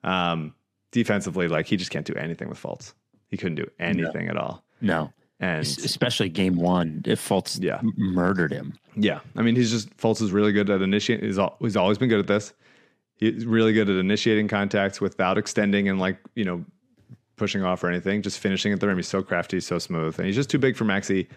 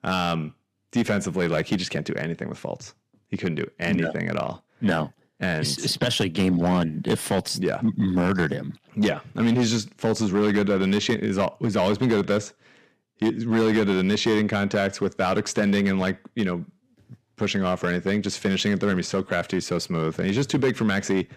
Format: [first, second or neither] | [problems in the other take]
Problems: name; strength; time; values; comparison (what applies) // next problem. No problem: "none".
first | distortion; slight; 5% of the sound clipped